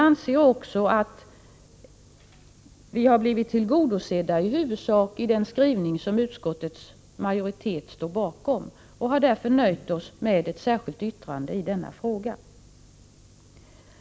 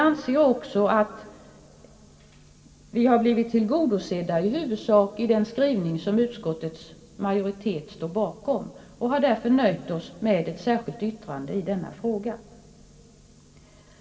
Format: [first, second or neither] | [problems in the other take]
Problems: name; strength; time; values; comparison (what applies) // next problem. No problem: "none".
first | room echo; dies away in 2.3 s